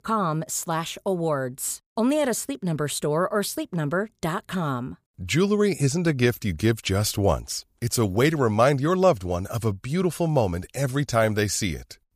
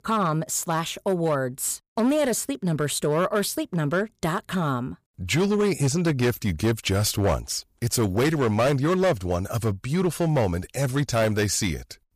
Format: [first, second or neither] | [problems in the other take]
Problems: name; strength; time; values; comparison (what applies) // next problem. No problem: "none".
first | distortion; slight; 8% of the sound clipped